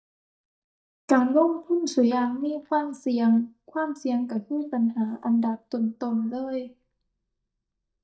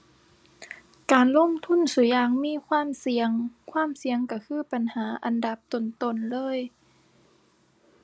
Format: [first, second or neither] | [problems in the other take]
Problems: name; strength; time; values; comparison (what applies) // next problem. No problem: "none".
second | noise reduction (neural mask model DeepFilterNet 3)